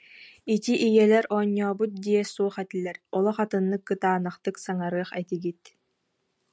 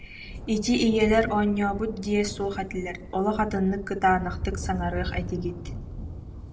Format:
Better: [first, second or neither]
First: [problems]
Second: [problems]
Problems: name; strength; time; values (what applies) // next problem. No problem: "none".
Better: first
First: none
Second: background sound (Thunder); 9 dB below the speech // room echo; dies away in 0.5 s